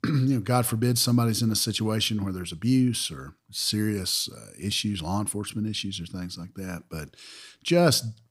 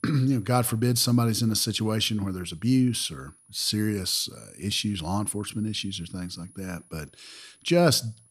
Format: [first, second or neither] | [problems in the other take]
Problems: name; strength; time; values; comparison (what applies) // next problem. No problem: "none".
first | high-pitched whine; faint; throughout; 10.5 kHz, 30 dB below the speech